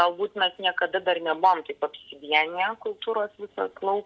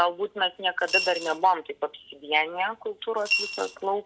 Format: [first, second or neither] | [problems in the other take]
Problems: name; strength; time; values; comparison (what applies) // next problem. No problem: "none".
first | background sound (Coin (dropping) / Glass); 3 dB below the speech